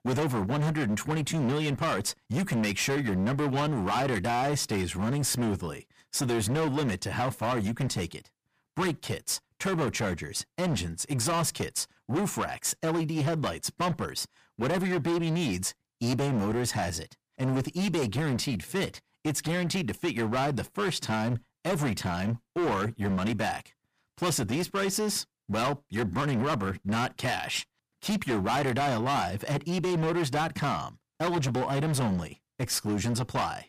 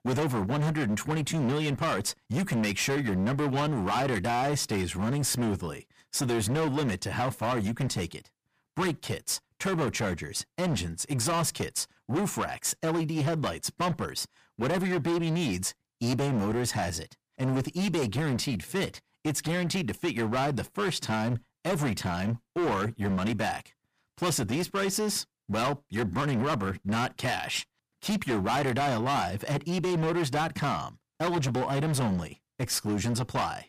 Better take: neither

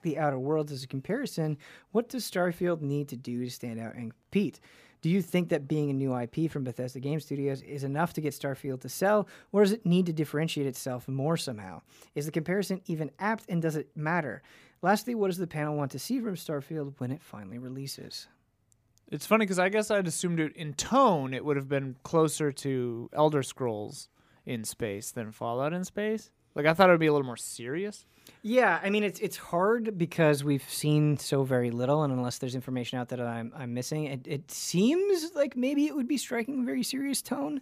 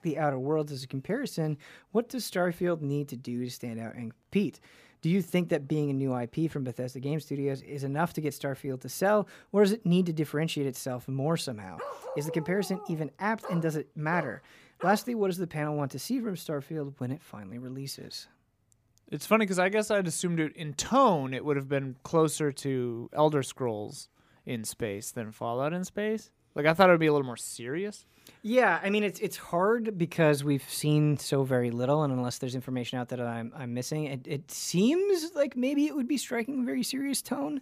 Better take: first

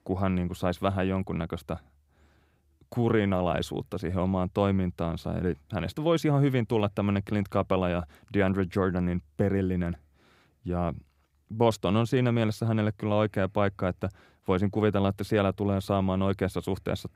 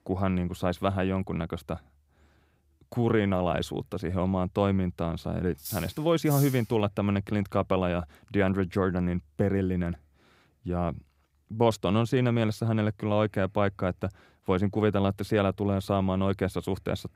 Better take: first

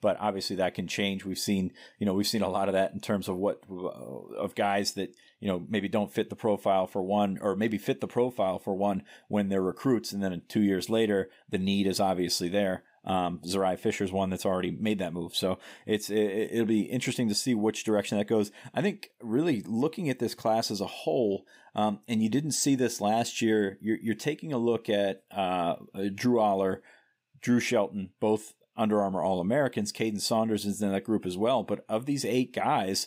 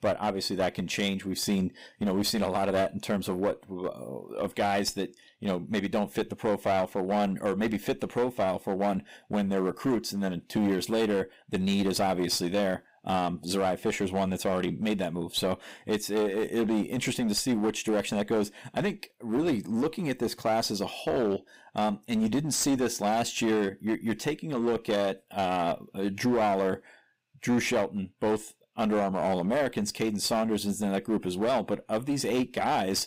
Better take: first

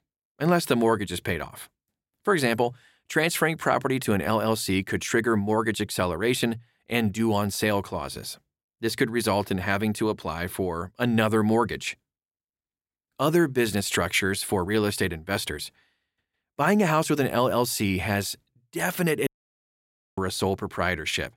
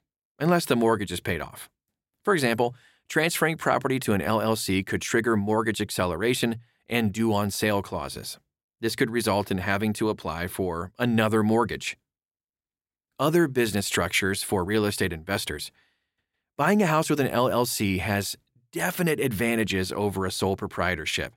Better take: second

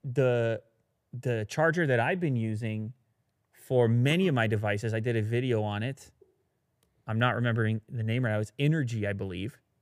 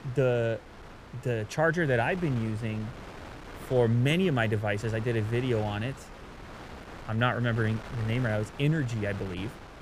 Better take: first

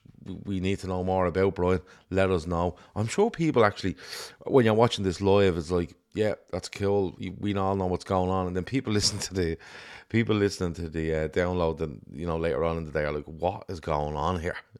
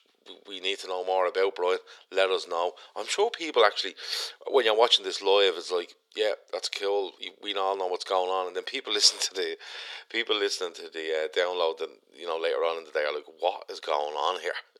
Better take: first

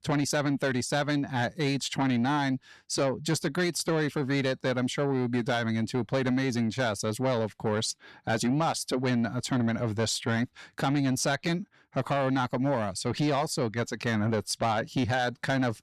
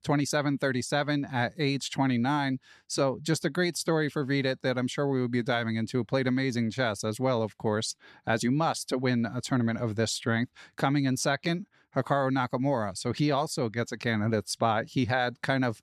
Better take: second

